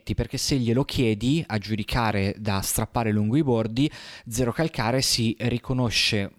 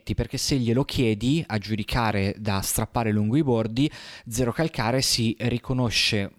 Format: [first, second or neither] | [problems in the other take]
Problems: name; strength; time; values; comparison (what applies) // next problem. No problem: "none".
neither | none